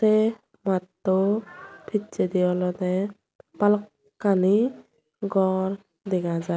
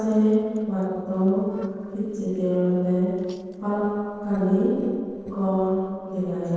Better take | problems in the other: first | noise reduction (neural separator model SepFormer DNS4)

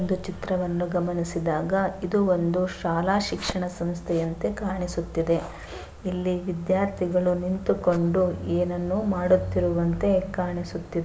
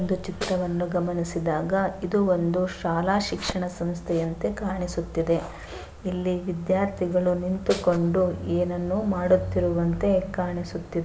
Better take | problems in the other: first | background sound (Snare drum); 16 dB below the speech

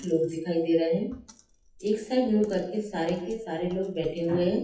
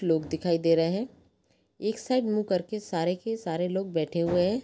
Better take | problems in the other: second | noise reduction (classical method WPE with log-MMSE)

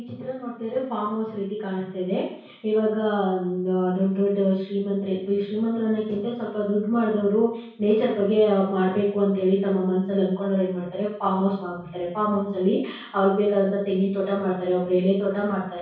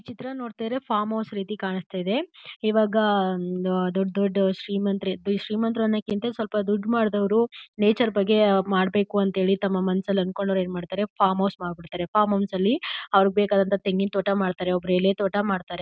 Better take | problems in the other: second | room echo; dies away in 0.6 s

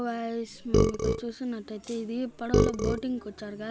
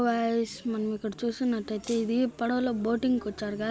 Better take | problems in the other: second | background sound (Burping, eructation); 5 dB above the speech

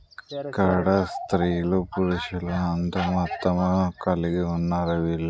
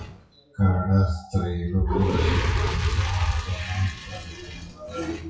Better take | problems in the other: first | noise reduction (classical method WPE with log-MMSE)

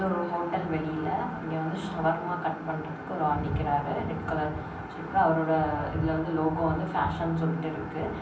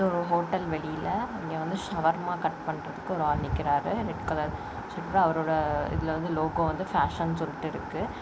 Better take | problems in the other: second | room echo; dies away in 0.6 s

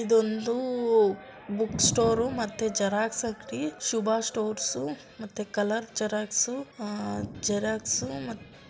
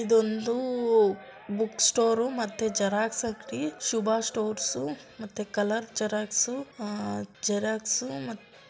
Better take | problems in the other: second | background sound (Thunder); 15 dB below the speech

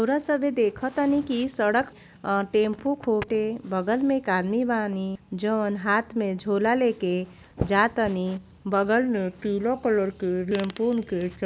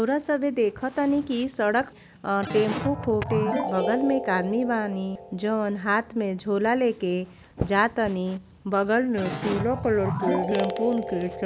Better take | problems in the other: first | background sound (Keyboard (musical)); 8 dB below the speech

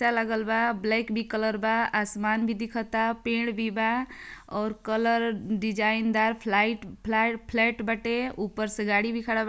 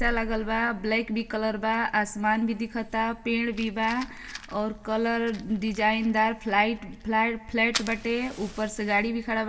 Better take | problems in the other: first | background sound (Fire); 13 dB below the speech // room echo; dies away in 0.3 s

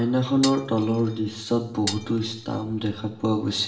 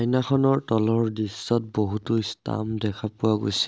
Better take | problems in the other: second | background sound (Glass); 13 dB below the speech // room echo; dies away in 0.8 s

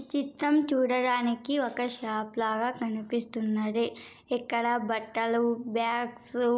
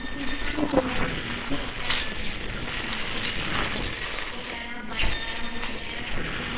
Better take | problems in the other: first | noise reduction (neural separator model SepFormer WHAMR!)

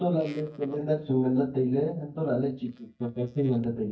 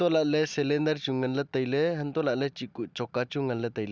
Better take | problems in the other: second | noise reduction (neural mask model DeepFilterNet 3)

